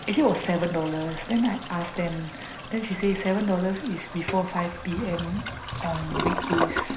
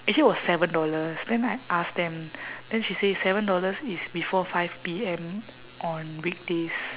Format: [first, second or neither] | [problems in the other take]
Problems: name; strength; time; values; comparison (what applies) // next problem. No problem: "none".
second | background sound (Toilet flush); 6 dB below the speech // room echo; dies away in 0.5 s